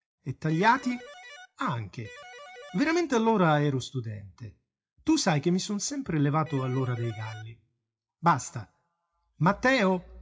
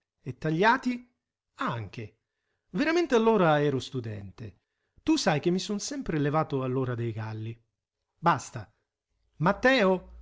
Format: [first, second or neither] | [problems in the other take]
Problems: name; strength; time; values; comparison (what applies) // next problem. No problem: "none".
second | noise reduction (classical method WPE with log-MMSE)